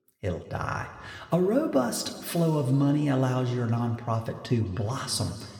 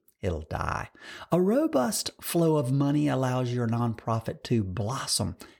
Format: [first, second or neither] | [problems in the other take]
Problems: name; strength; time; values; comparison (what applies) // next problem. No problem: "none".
second | room echo; slight; dies away in 2 s